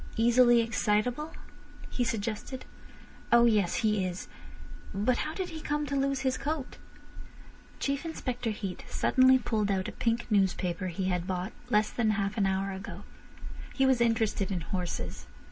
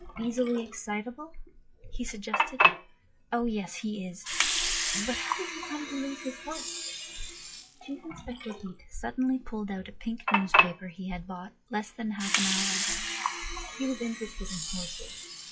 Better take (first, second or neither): first